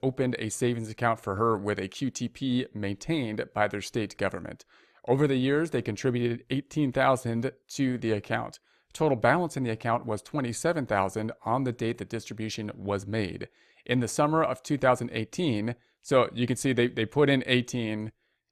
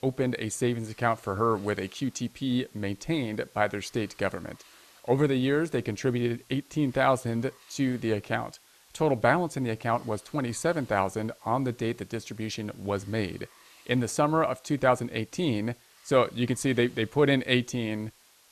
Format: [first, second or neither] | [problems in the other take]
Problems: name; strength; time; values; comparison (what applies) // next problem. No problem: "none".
first | hiss; faint; throughout; 25 dB below the speech